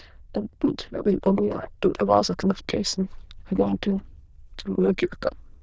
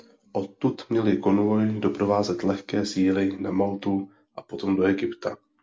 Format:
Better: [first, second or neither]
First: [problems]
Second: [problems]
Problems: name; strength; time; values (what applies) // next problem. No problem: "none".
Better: second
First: noise reduction (neural diffusion model UNIVERSE++)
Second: none